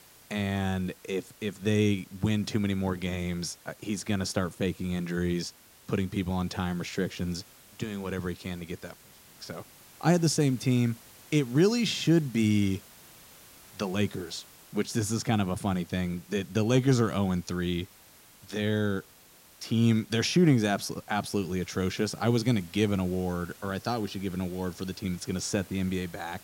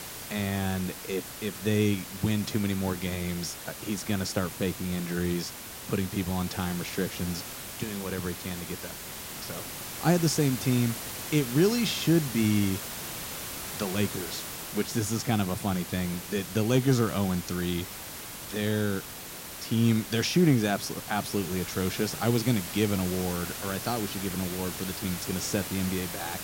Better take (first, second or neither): first